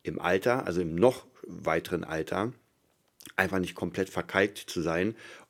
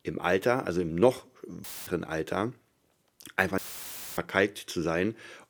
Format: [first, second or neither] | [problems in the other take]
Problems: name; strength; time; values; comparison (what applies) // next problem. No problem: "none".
first | audio cutting out; filled with static; at 1.5 s and at 3.5 s for 0.5 s